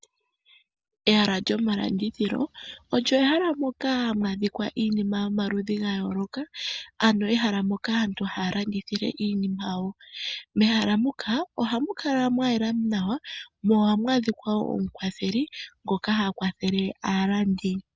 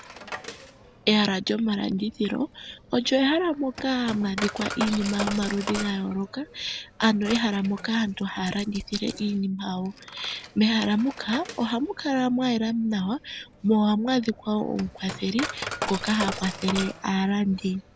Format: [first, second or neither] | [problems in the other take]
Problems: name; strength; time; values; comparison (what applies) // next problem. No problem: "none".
first | background sound (Coin (dropping)); 12 dB below the speech